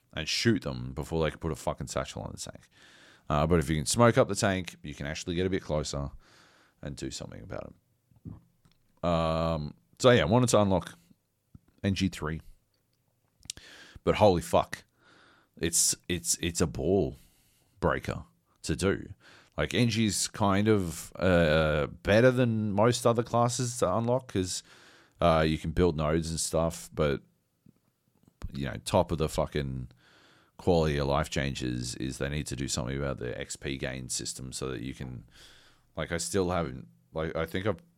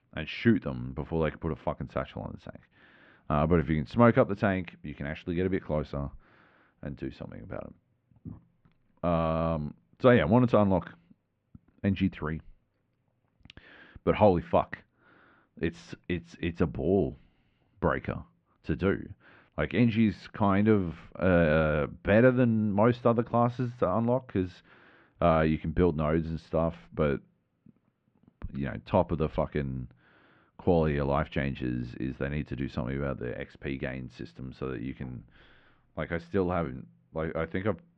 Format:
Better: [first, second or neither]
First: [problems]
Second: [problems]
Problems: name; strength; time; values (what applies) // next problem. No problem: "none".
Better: first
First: none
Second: muffled; very; fading above 2.5 kHz